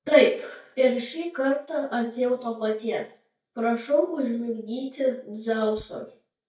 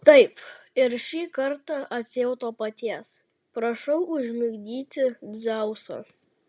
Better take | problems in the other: second | noise reduction (neural mask model DeepFilterNet 3)

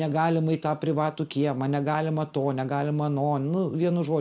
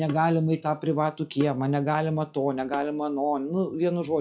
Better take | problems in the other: first | noise reduction (classical method log-MMSE)

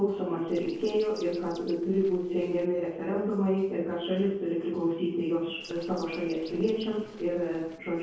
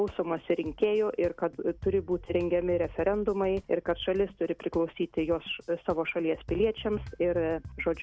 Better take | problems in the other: second | noise reduction (neural separator model SepFormer DNS4)

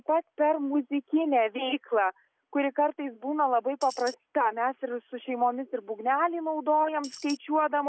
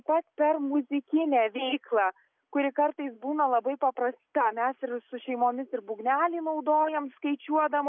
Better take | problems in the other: second | background sound (Tambourine); 14 dB below the speech

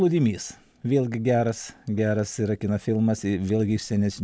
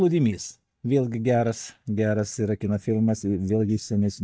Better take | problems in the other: first | noise reduction (neural mask model DeepFilterNet 3)

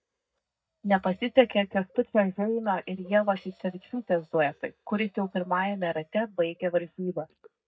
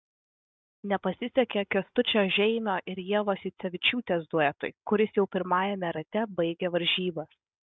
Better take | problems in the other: second | noise reduction (neural mask model DeepFilterNet 3)

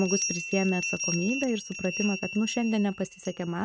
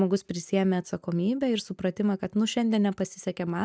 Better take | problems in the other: second | noise reduction (neural mask model RNNoise)

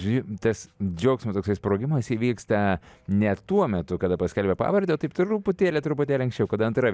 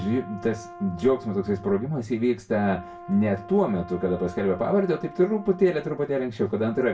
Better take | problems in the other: first | background sound (Brass instrument); 18 dB below the speech // room echo; dies away in 0.2 s

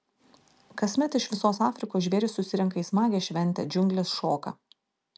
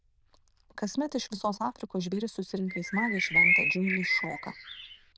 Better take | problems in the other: first | noise reduction (neural diffusion model UNIVERSE++)

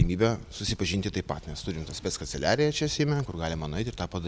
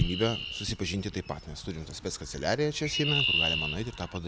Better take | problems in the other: first | background sound (Chirp, tweet); 3 dB below the speech

